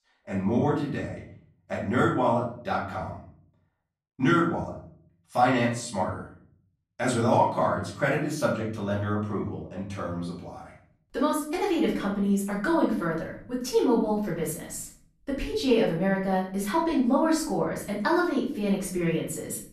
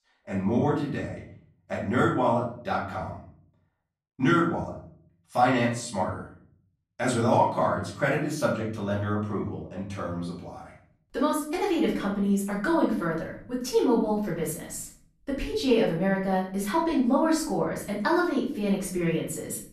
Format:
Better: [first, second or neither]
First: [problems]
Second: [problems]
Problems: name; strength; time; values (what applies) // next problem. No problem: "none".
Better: neither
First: off-mic speech; far // room echo; noticeable; dies away in 0.5 s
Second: off-mic speech; far // room echo; noticeable; dies away in 0.5 s